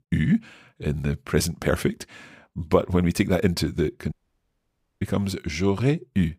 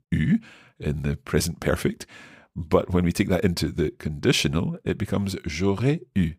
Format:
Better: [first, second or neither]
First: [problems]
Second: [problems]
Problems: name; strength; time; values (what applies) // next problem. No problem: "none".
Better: second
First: audio cutting out; at 4 s for 1 s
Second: none